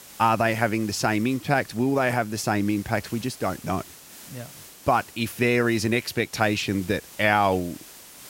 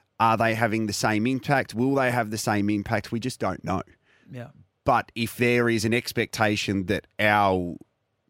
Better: second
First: hiss; noticeable; throughout; 20 dB below the speech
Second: none

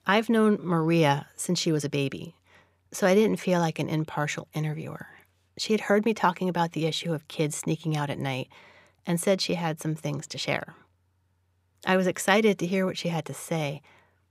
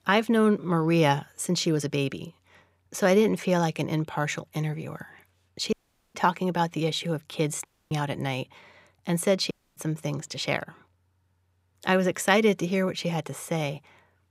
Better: first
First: none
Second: audio cutting out; at 5.5 s, at 7.5 s and at 9.5 s

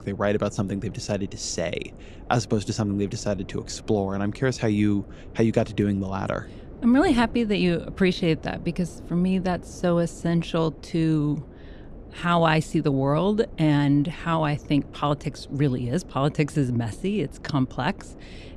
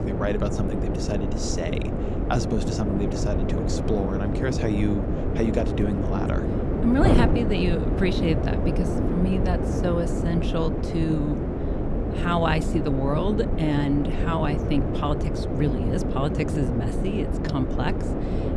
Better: first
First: wind noise on the microphone; occasional gusts; 20 dB below the speech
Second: wind noise on the microphone; heavy; 1 dB below the speech

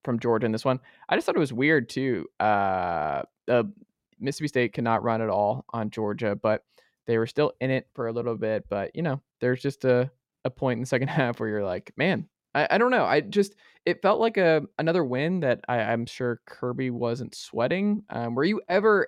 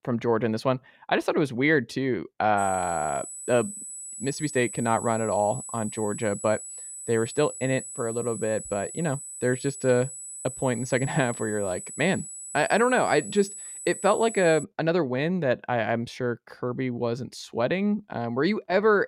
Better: first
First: none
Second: high-pitched whine; loud; from 2.5 to 15 s; 8 kHz, 10 dB below the speech

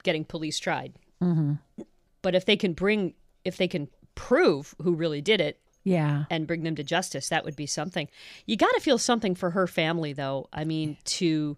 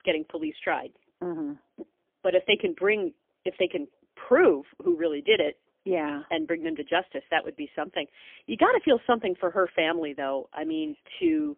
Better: first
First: none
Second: phone-call audio; poor line; nothing above 3.5 kHz

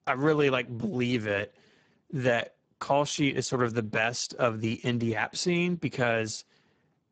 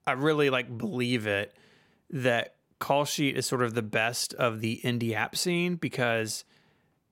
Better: second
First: garbled, watery; badly; nothing above 8 kHz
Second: none

